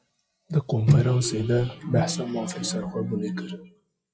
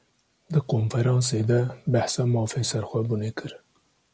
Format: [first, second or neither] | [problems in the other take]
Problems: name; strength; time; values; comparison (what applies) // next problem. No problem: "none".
second | noise reduction (classical method log-MMSE)